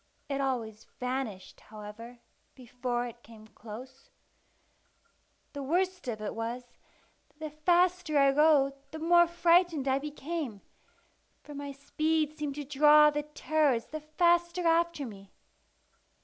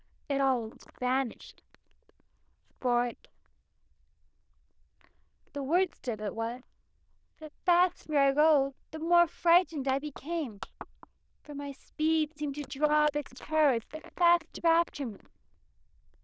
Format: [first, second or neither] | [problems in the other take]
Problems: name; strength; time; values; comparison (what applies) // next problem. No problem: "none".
first | noise reduction (neural diffusion model UNIVERSE++)